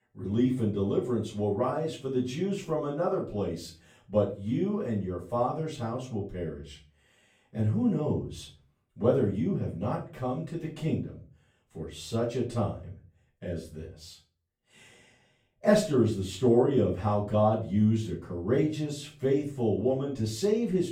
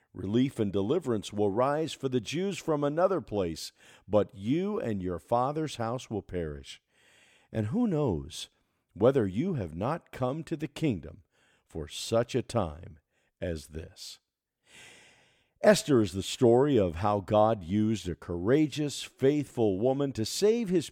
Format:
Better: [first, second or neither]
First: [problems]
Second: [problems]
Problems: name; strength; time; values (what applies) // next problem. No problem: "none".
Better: second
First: off-mic speech; far // room echo; slight; dies away in 0.4 s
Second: none